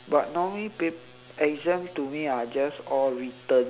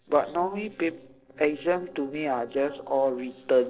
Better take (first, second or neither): first